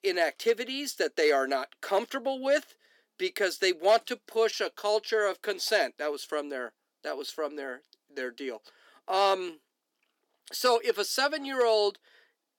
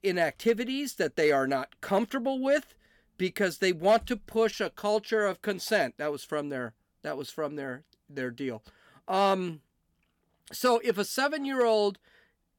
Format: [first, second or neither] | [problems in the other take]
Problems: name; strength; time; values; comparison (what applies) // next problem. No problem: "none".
second | thin; somewhat; fading below 300 Hz